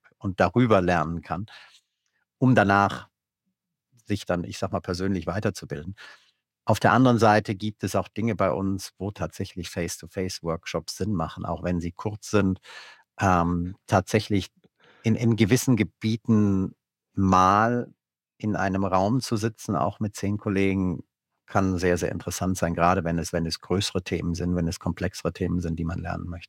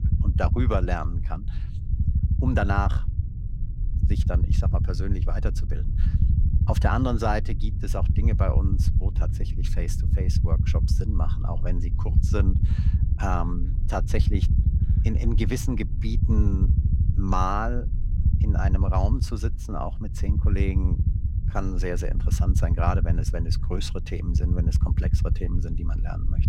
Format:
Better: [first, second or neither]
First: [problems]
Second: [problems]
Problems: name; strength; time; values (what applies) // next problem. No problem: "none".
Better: first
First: none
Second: low rumble; loud; throughout; 8 dB below the speech